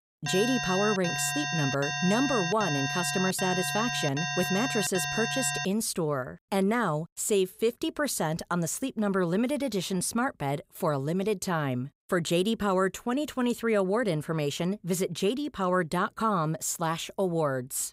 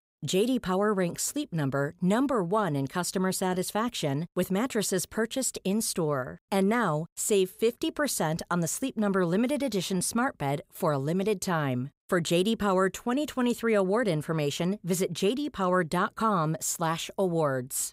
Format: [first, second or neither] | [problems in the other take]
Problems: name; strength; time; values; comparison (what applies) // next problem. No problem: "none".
second | alarm; noticeable; until 5.5 s; peak 1 dB below the speech